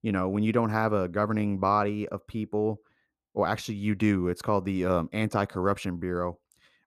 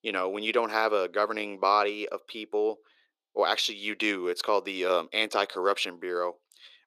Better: first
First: none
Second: thin; very; fading below 400 Hz

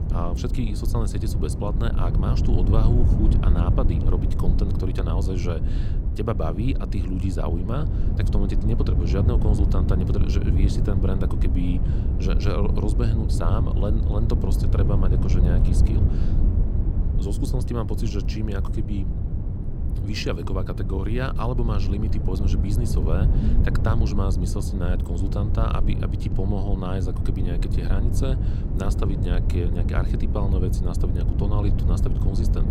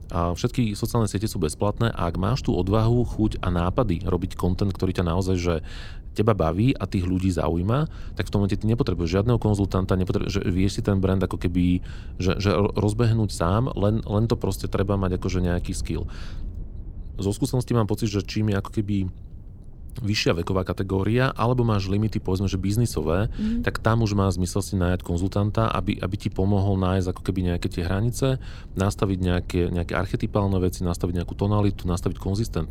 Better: second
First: low rumble; loud; throughout; 4 dB below the speech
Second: low rumble; faint; throughout; 25 dB below the speech

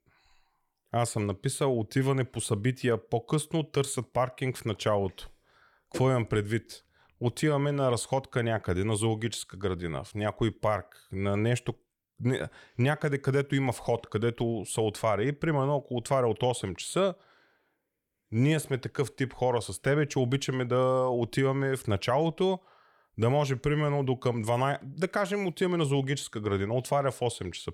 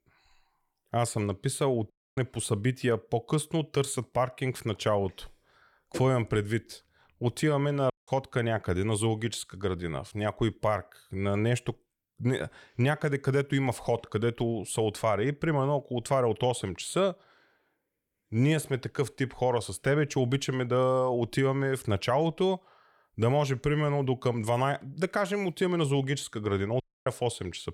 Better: first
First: none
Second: audio cutting out; at 2 s, at 8 s and at 27 s

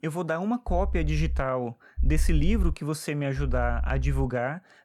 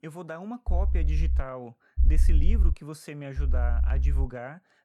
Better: first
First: low rumble; faint; at 0.5 s, at 2 s and at 3.5 s; 20 dB below the speech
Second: low rumble; loud; at 0.5 s, at 2 s and at 3.5 s; 8 dB below the speech

